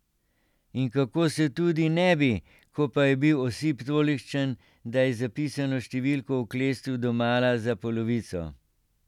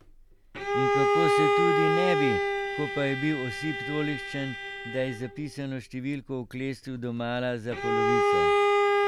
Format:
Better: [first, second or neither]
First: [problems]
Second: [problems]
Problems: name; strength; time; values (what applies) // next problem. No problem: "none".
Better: first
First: none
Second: background sound (Bowed string instrument); 5 dB above the speech